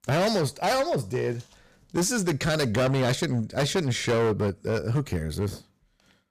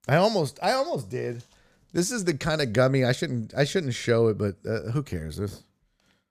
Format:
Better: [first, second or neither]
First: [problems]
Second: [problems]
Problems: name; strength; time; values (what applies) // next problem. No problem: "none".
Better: second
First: distortion; heavy; 15% of the sound clipped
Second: none